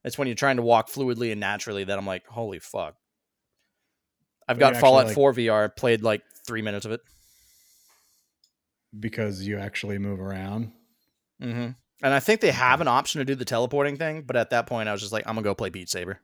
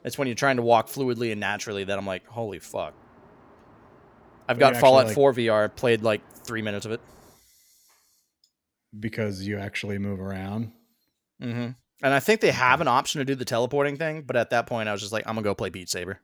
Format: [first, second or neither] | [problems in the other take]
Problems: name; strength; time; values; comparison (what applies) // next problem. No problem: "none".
first | train or aircraft noise; faint; until 7.5 s; 30 dB below the speech